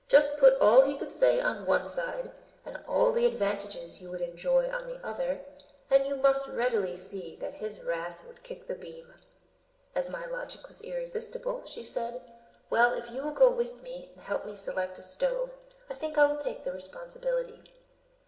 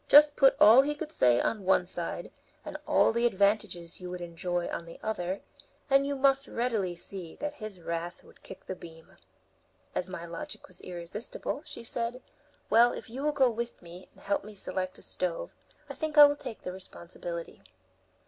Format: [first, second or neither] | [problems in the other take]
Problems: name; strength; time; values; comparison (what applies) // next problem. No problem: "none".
second | room echo; dies away in 1.6 s